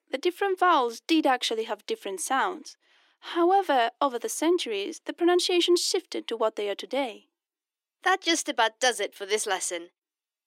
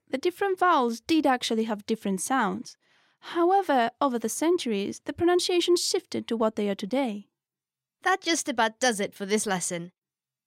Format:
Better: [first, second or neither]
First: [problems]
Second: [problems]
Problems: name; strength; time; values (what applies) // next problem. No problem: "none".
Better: second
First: thin; somewhat; fading below 300 Hz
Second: none